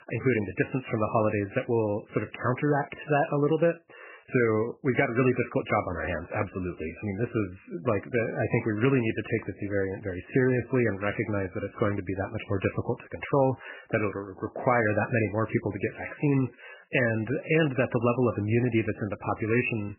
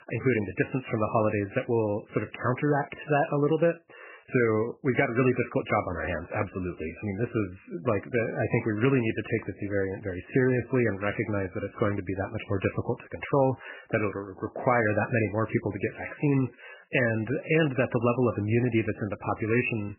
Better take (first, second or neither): neither